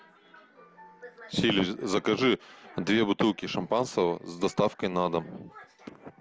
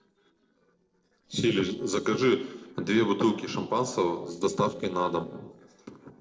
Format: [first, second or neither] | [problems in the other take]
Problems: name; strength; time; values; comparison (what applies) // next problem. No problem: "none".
first | noise reduction (neural separator model SepFormer DNS4)